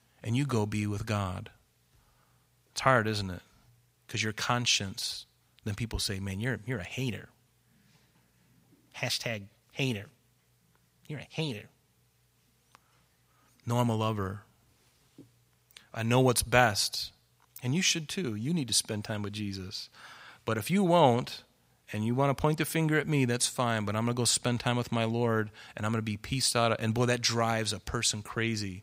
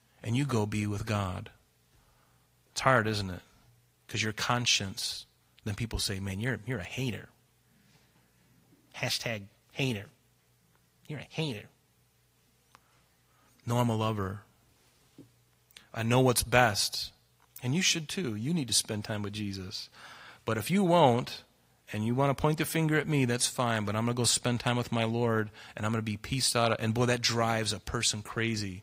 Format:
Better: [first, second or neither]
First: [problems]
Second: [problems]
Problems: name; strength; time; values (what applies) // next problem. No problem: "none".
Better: first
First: none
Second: garbled, watery; slightly; nothing above 15.5 kHz